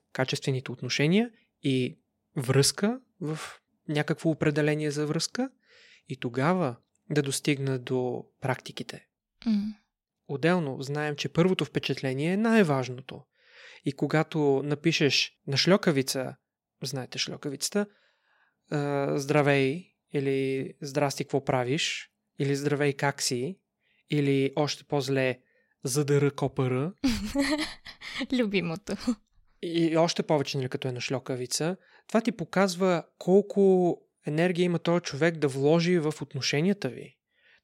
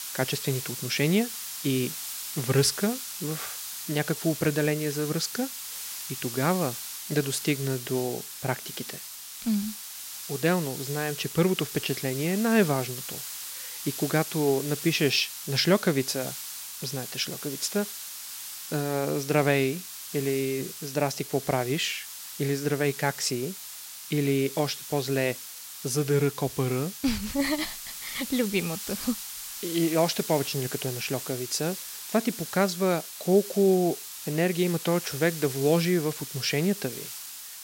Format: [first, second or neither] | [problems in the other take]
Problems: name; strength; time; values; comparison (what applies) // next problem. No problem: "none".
first | hiss; loud; throughout; 8 dB below the speech